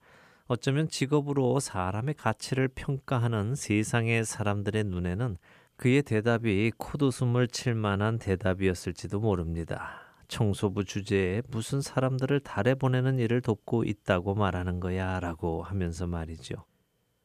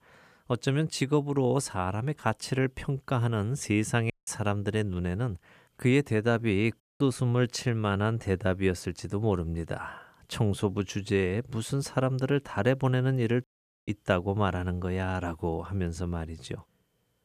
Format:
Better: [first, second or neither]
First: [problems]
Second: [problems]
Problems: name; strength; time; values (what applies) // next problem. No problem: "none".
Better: first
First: none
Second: audio cutting out; at 4 s, at 7 s and at 13 s